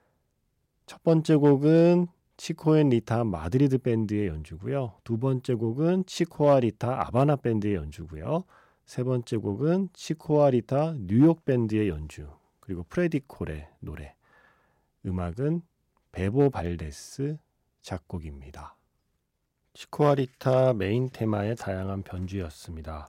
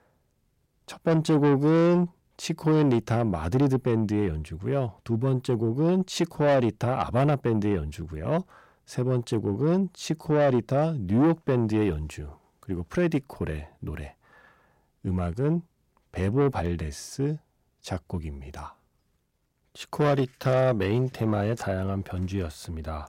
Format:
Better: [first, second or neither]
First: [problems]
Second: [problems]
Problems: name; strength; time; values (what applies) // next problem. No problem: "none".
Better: first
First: none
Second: distortion; slight; 10 dB below the speech